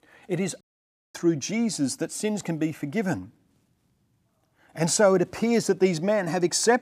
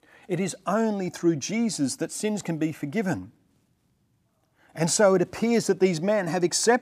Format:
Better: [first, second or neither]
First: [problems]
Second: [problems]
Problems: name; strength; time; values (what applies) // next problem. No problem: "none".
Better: second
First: audio cutting out; at 0.5 s for 0.5 s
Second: none